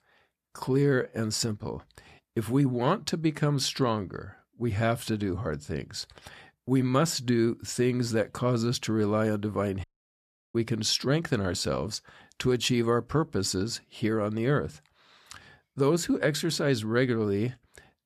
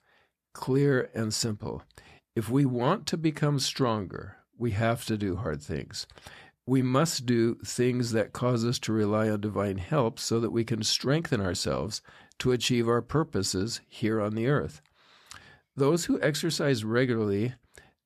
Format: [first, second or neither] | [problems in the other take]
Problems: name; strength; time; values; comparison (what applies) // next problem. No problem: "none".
second | audio cutting out; at 10 s for 0.5 s